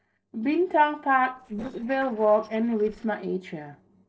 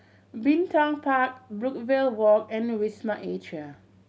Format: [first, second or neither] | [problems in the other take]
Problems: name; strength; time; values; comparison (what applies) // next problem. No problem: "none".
second | noise reduction (neural separator model SepFormer DNS4)